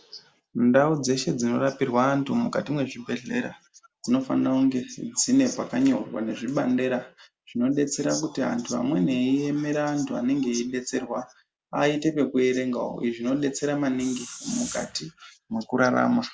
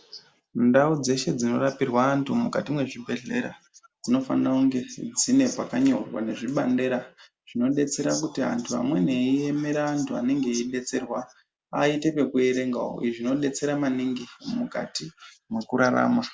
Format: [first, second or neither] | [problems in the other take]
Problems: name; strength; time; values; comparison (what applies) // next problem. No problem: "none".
second | background sound (Hiss); 13 dB below the speech